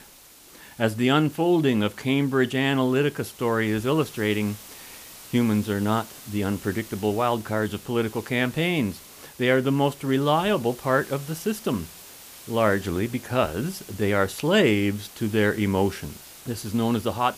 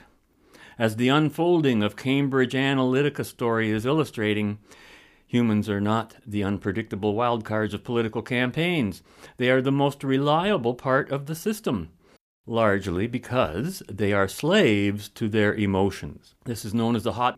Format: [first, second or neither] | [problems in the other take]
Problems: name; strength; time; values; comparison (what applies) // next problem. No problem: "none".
second | hiss; noticeable; throughout; 20 dB below the speech